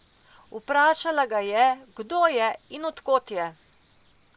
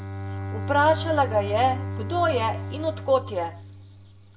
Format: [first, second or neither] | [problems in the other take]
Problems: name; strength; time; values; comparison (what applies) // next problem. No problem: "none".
first | background sound (Bowed string instrument); 6 dB below the speech // room echo; dies away in 0.5 s